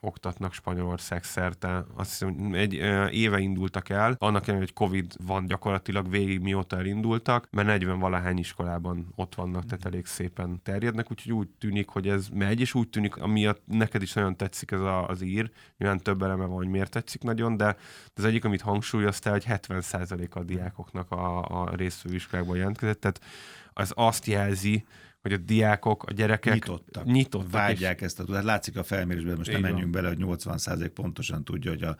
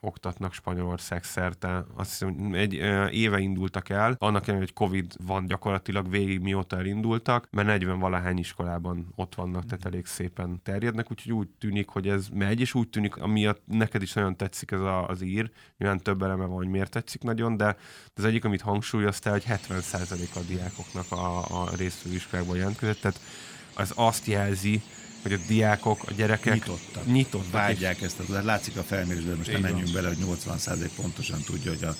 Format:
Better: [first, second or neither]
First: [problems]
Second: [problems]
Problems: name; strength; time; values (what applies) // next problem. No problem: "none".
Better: first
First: none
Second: animal sounds; noticeable; from 19 s on; 10 dB below the speech